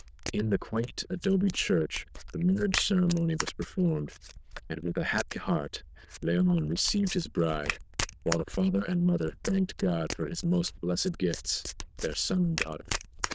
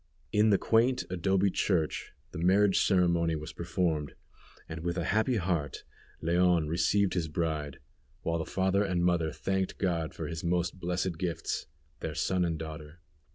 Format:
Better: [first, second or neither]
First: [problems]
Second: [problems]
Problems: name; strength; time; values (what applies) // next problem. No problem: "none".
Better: second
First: noise reduction (neural diffusion model UNIVERSE++)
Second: none